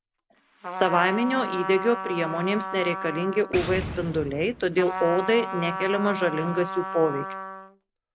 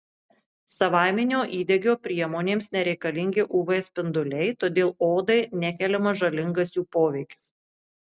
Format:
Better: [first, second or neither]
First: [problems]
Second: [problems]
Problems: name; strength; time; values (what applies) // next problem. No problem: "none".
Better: second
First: background sound (Boom + Trumpet); 7 dB below the speech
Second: none